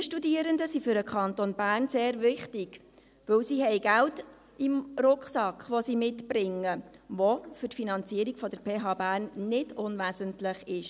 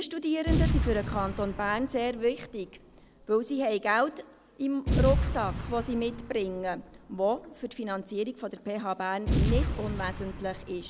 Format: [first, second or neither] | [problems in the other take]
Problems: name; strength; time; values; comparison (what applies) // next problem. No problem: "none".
first | background sound (Boom); 2 dB below the speech